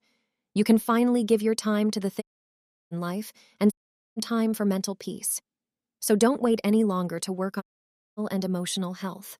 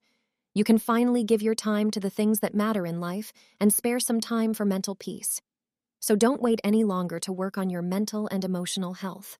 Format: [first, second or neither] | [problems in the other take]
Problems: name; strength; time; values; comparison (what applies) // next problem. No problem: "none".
second | audio cutting out; at 2 s for 0.5 s, at 3.5 s and at 7.5 s for 0.5 s